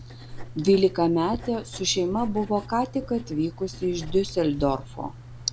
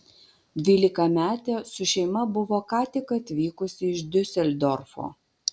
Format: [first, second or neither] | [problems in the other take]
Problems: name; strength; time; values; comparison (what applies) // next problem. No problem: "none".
second | background sound (Writing); 13 dB below the speech